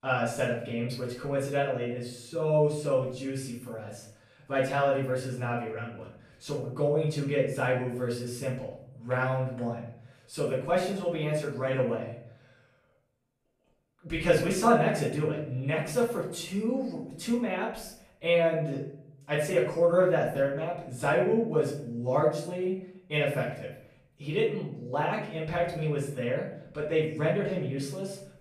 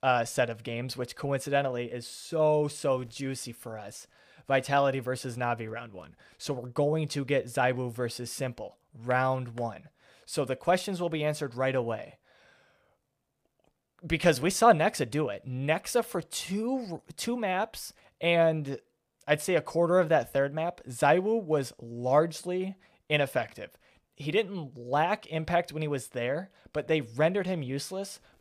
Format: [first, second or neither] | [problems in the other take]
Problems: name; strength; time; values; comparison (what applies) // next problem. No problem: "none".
second | off-mic speech; far // room echo; noticeable; dies away in 0.6 s